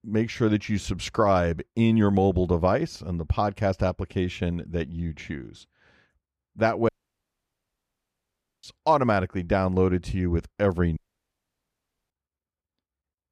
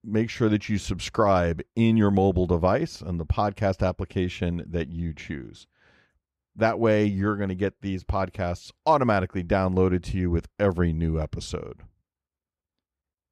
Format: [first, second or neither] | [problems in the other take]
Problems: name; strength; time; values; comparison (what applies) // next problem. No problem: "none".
second | audio cutting out; at 7 s for 1.5 s and at 11 s for 1 s